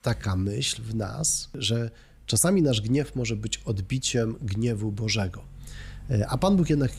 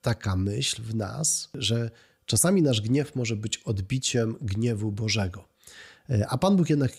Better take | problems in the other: second | traffic noise; faint; throughout; 20 dB below the speech

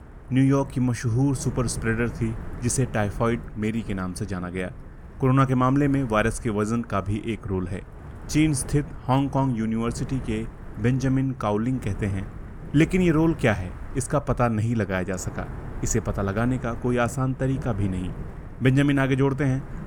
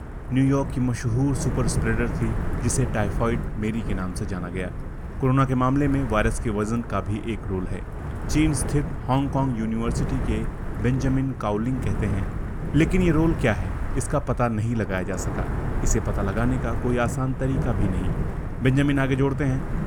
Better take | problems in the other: first | wind noise on the microphone; heavy; 9 dB below the speech; occasional gusts in the first

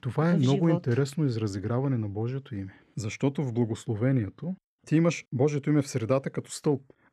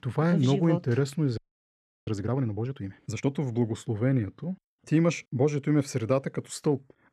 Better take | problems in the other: first | audio freezing; at 1.5 s for 0.5 s

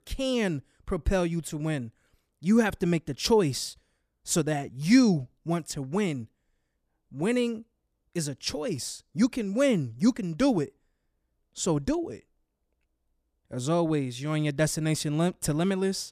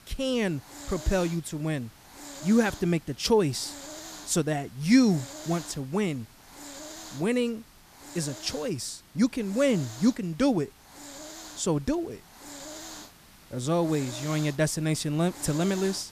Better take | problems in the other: first | hiss; noticeable; throughout; 15 dB below the speech

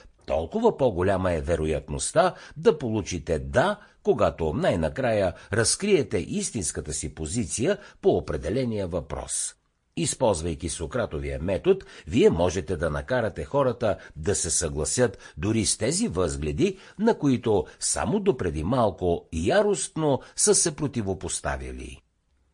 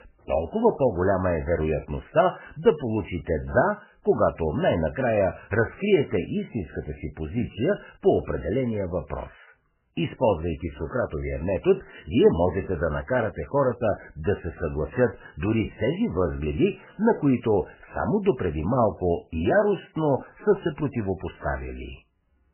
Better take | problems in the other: first | garbled, watery; badly; nothing above 3 kHz; slightly in the first

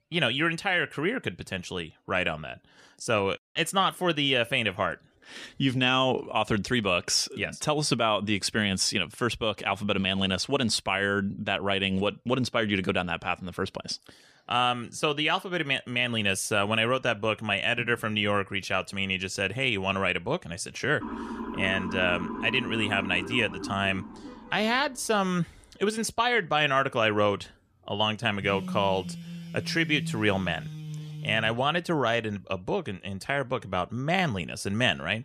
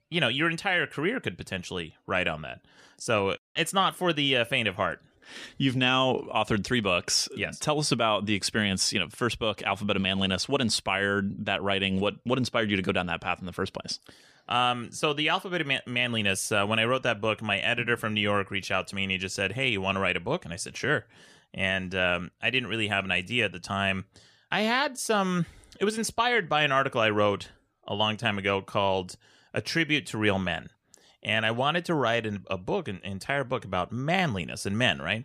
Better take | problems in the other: second | siren; noticeable; from 21 to 25 s; peak 7 dB below the speech // phone ringing; noticeable; from 28 to 32 s; peak 8 dB below the speech

